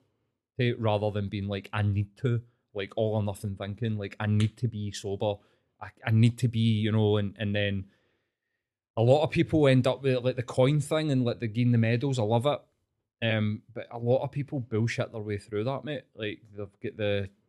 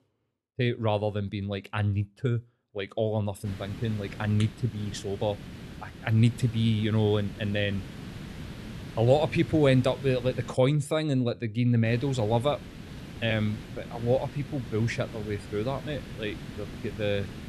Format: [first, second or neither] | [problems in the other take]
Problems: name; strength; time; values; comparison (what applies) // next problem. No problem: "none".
first | hiss; noticeable; from 3.5 to 11 s and from 12 s on; 15 dB below the speech